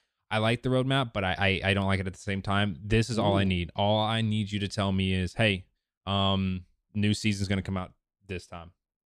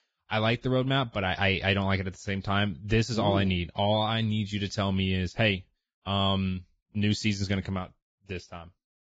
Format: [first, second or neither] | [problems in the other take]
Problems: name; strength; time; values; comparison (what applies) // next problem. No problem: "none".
first | garbled, watery; badly; nothing above 7.5 kHz